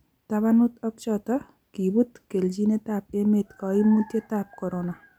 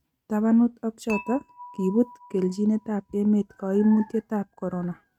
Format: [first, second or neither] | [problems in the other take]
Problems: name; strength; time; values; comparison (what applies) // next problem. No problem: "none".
first | noise reduction (neural mask model RNNoise)